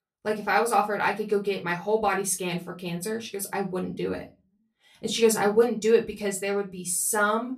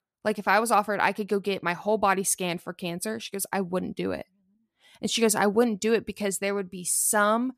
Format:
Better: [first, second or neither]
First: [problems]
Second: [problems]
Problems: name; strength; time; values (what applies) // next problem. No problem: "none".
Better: second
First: off-mic speech; somewhat distant // room echo; very slight; dies away in 0.2 s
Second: none